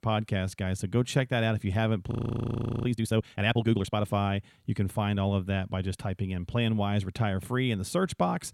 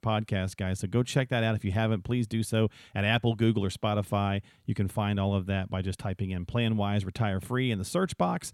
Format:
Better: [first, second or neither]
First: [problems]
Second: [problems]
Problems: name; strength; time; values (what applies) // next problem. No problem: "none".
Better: second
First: audio freezing; at 2 s for 0.5 s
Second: none